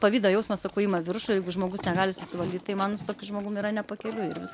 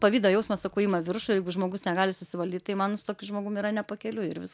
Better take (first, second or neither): second